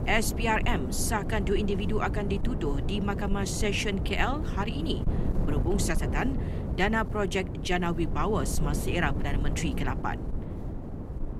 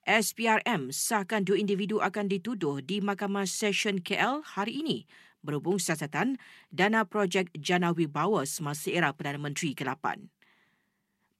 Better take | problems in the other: second | wind noise on the microphone; heavy; 10 dB below the speech

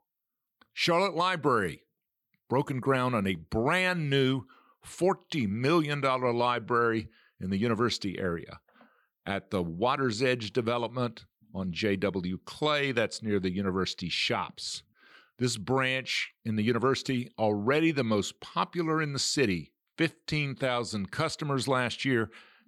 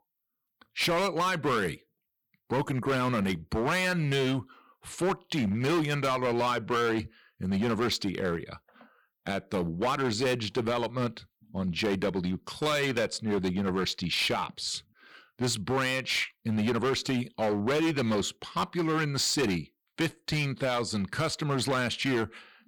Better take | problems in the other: first | distortion; heavy; 12% of the sound clipped

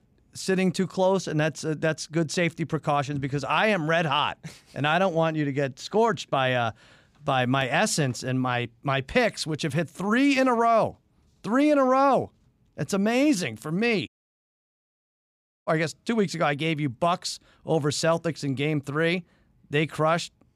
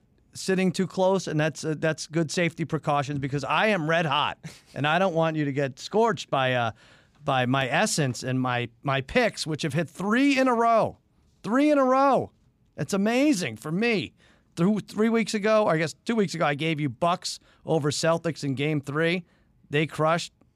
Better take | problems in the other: second | audio cutting out; at 14 s for 1.5 s

